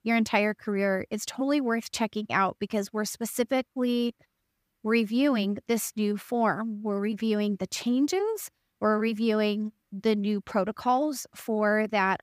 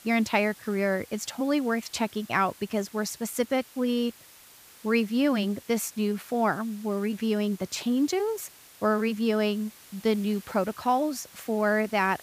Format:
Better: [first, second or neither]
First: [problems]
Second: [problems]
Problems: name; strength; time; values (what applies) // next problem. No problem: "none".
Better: first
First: none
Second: hiss; faint; throughout; 20 dB below the speech